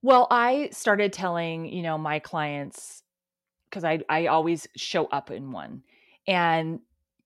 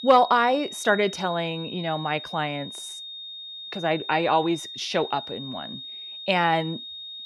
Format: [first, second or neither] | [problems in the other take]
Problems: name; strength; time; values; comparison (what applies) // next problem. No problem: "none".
first | high-pitched whine; noticeable; throughout; 3.5 kHz, 10 dB below the speech